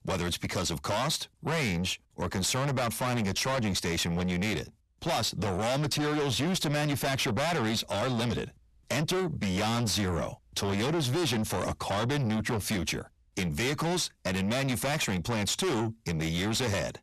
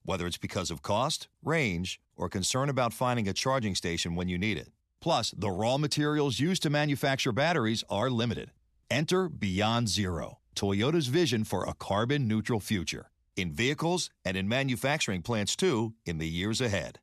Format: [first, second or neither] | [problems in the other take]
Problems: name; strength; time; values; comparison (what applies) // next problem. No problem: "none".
second | distortion; heavy; 6 dB below the speech